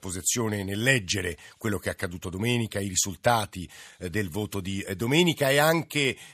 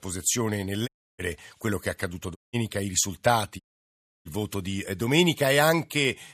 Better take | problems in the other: first | audio cutting out; at 1 s, at 2.5 s and at 3.5 s for 0.5 s

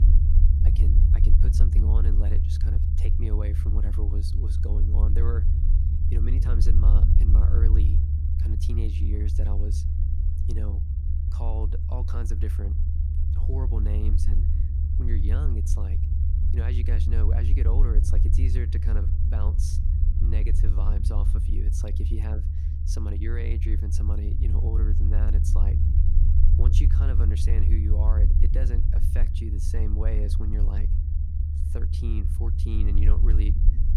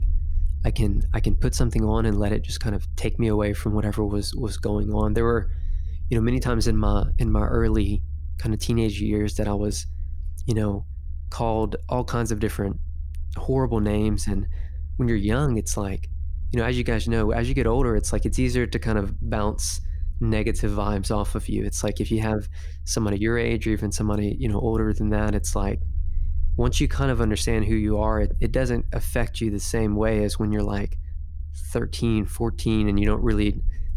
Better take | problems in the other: second | low rumble; loud; throughout; as loud as the speech; faint in the second

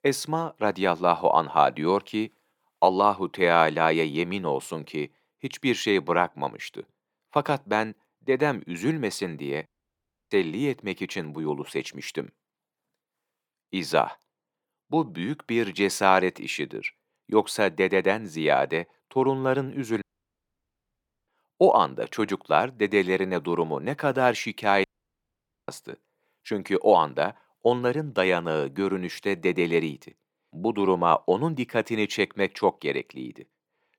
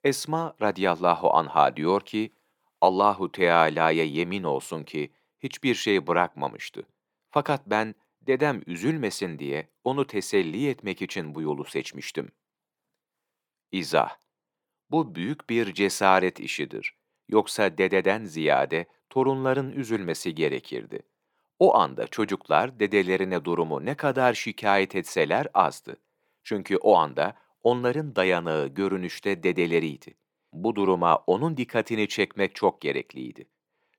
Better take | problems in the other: second | audio cutting out; at 9.5 s for 0.5 s, at 20 s for 1.5 s and at 25 s for 1 s

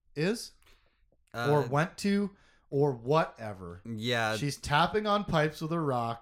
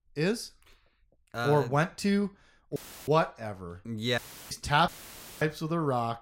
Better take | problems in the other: first | audio cutting out; filled with static; at 3 s, at 4 s and at 5 s for 0.5 s

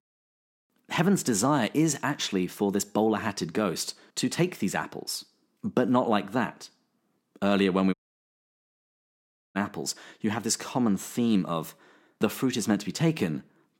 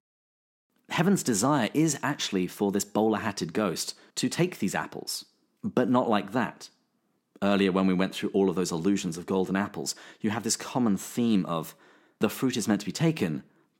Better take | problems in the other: second | audio cutting out; at 8 s for 1.5 s

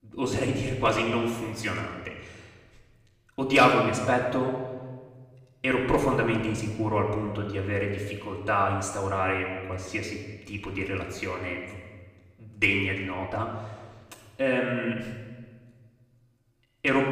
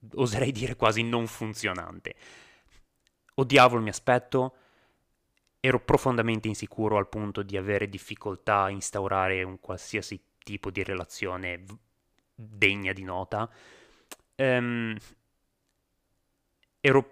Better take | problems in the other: second | off-mic speech; far // room echo; noticeable; dies away in 1.2 s

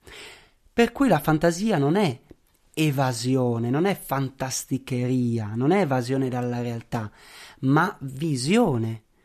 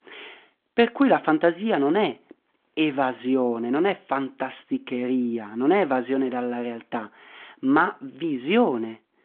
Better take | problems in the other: first | phone-call audio

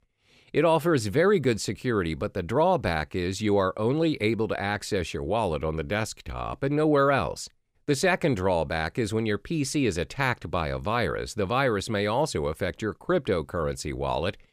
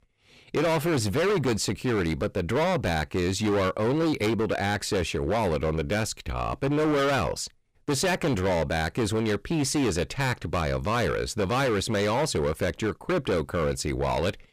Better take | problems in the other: first | distortion; heavy; 21% of the sound clipped

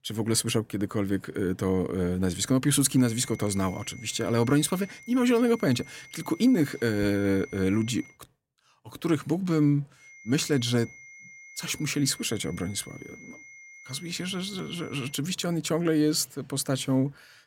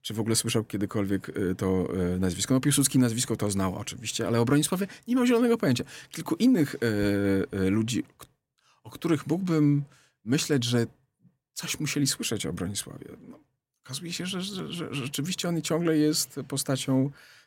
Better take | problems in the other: second | high-pitched whine; noticeable; from 3 to 8 s and from 10 to 15 s; 2 kHz, 20 dB below the speech

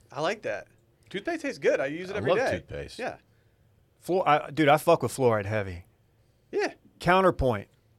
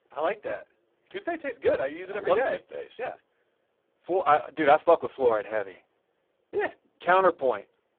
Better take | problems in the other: first | phone-call audio; poor line

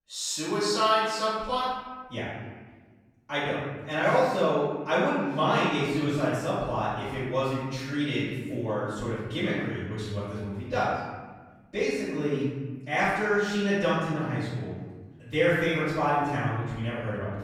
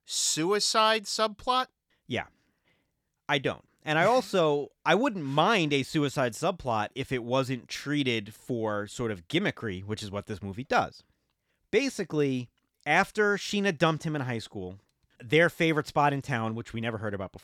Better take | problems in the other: second | off-mic speech; far // room echo; strong; dies away in 1.3 s

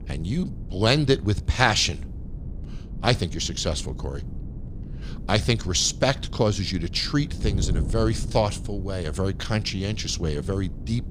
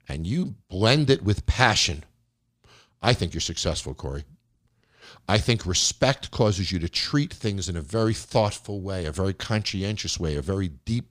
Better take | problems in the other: second | wind noise on the microphone; occasional gusts; 20 dB below the speech

